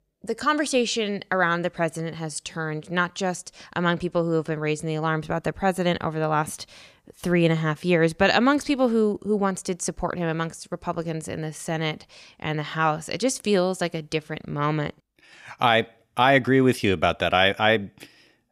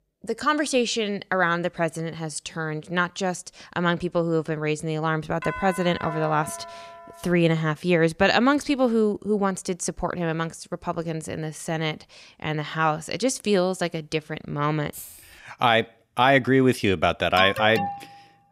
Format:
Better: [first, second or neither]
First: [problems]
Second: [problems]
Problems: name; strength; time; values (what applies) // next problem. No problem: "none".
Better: first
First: none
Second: doorbell; noticeable; from 5.5 to 7.5 s; peak 9 dB below the speech // jangling keys; faint; at 15 s; peak 15 dB below the speech // alarm; noticeable; at 17 s; peak 4 dB below the speech